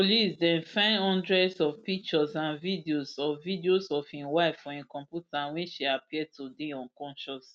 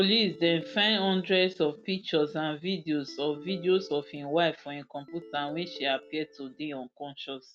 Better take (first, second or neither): first